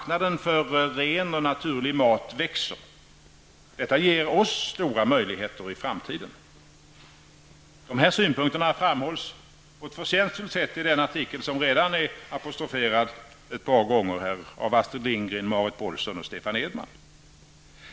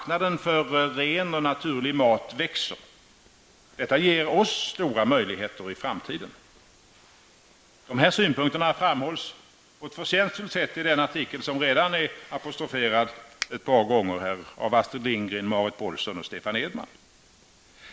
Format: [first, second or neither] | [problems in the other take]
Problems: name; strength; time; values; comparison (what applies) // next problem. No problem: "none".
first | noise reduction (neural mask model Resemble Enhance denoiser)